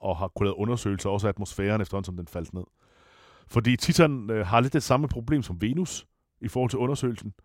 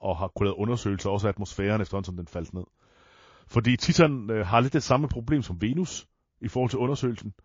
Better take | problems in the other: first | garbled, watery; slightly; nothing above 6.5 kHz

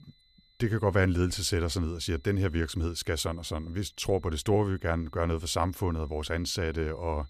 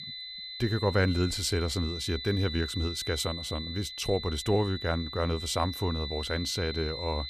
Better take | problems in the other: first | high-pitched whine; loud; throughout; 4 kHz, 7 dB below the speech; faint in the first

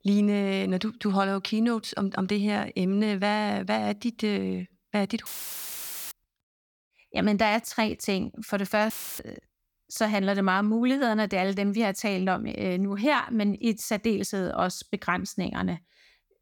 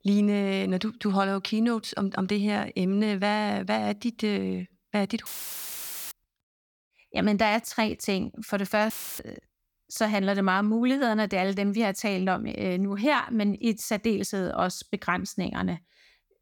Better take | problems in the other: neither | audio cutting out; filled with static; at 5.5 s for 1 s and at 9 s; the same in both

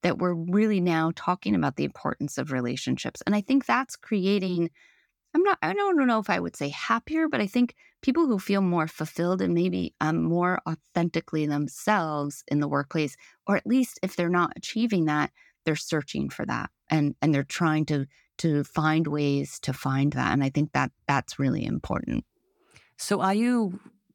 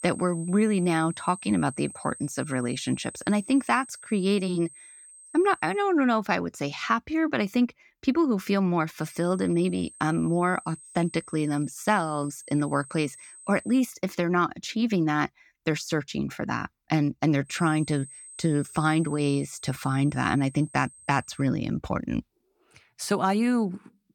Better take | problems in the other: first | high-pitched whine; noticeable; until 6 s, from 9 to 14 s and from 18 to 21 s; 8.5 kHz, 15 dB below the speech

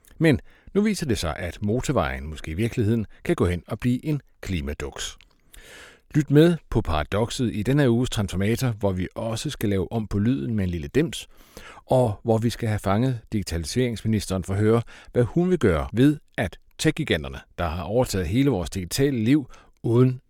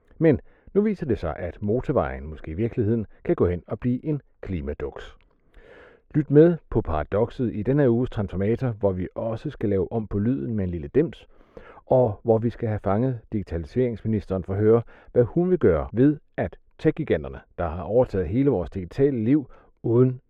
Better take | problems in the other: first | muffled; very; fading above 4 kHz

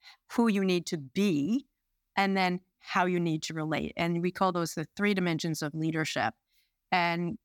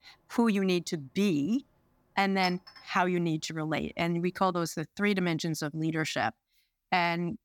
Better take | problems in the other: first | clattering dishes; noticeable; at 2.5 s; peak 10 dB below the speech

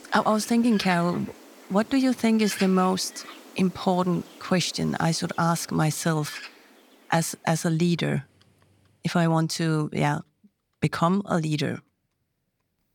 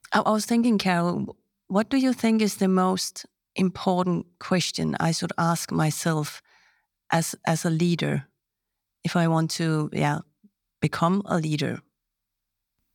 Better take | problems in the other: second | animal sounds; noticeable; throughout; 15 dB below the speech

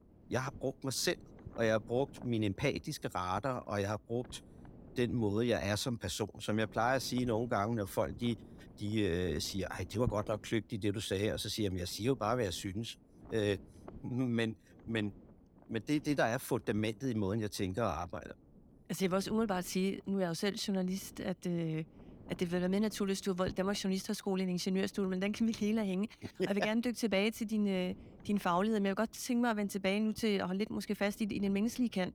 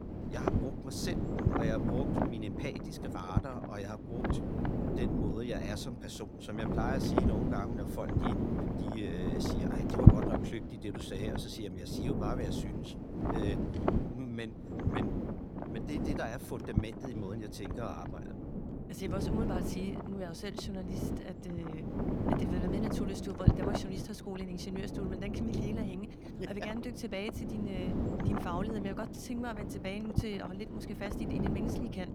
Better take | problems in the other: first | wind noise on the microphone; heavy; 2 dB above the speech; occasional gusts in the first

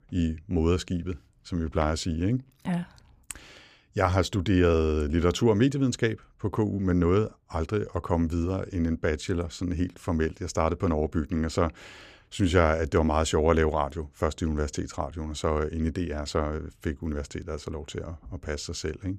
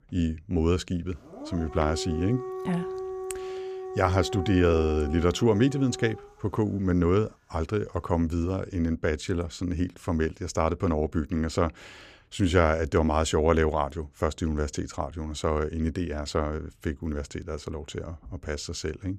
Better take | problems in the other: first | dog barking; noticeable; from 1 to 6.5 s; peak 7 dB below the speech

